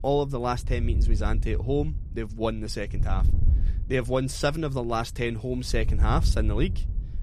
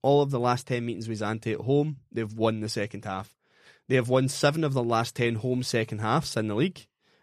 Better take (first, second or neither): second